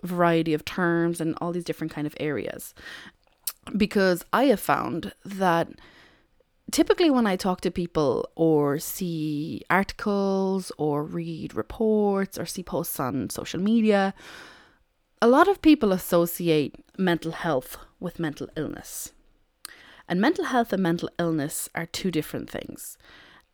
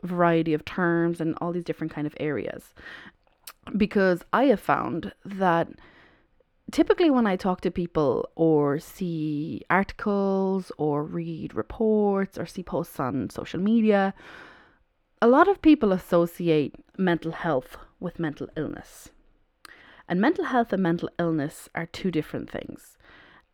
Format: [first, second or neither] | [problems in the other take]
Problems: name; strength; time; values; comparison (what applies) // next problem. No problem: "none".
first | muffled; slightly; fading above 4 kHz